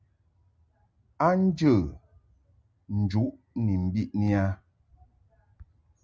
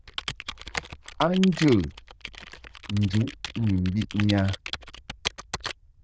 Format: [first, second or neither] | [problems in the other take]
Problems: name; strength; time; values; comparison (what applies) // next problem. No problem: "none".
first | noise reduction (neural diffusion model UNIVERSE++)